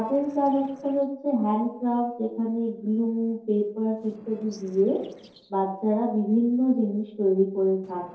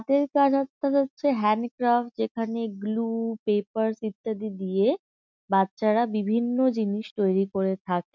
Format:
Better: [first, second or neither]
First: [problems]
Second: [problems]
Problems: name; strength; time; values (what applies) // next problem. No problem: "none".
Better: second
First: noise reduction (neural separator model SepFormer DNS4)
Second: none